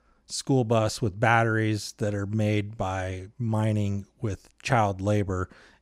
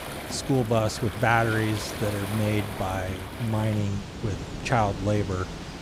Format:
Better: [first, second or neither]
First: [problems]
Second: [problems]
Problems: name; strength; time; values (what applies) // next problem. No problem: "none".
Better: first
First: none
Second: rain or running water; loud; throughout; 8 dB below the speech